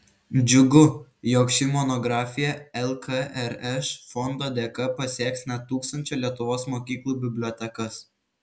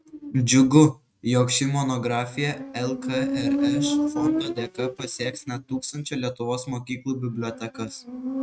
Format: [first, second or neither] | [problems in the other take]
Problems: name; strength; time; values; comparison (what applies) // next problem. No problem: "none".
first | noise reduction (neural mask model RNNoise)